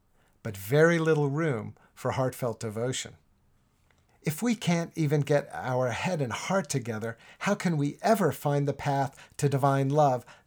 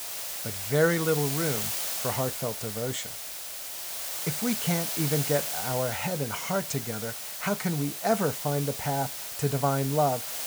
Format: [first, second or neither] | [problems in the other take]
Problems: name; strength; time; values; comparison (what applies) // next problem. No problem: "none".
first | hiss; loud; throughout; 2 dB below the speech